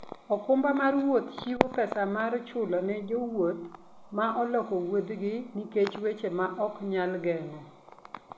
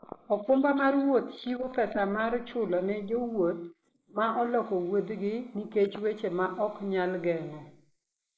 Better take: first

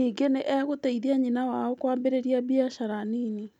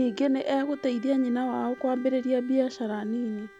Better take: first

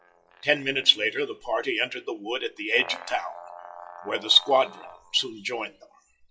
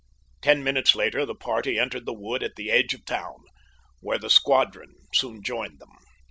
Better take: second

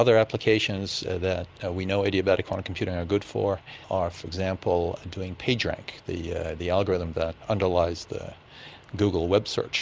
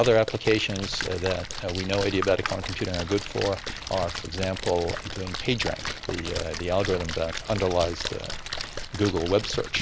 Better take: first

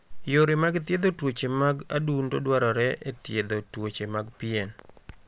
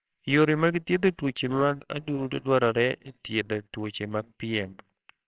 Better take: first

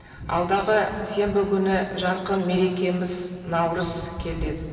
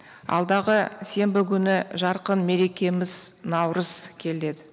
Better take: second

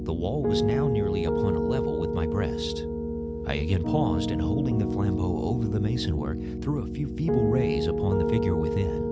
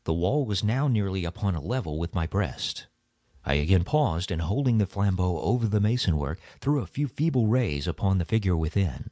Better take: second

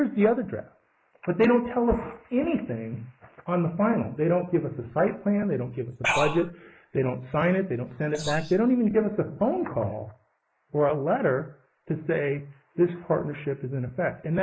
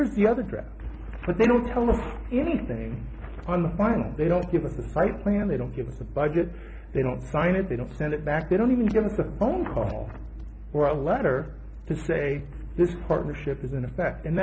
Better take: second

